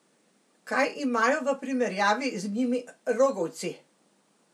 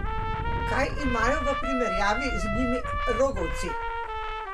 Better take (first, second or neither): first